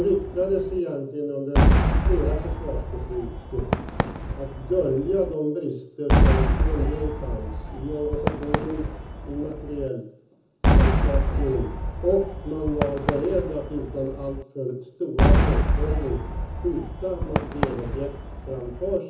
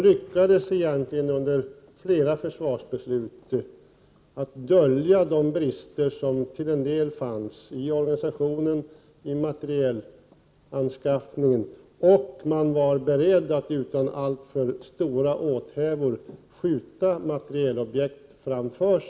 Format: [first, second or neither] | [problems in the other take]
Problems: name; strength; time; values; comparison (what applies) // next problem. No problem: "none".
second | background sound (Cheering / Fireworks); 4 dB above the speech // room echo; dies away in 0.7 s